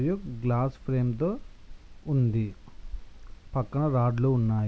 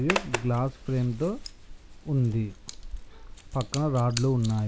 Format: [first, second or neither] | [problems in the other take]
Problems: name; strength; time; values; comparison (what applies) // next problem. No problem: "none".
first | background sound (Zipper (clothing)); 10 dB below the speech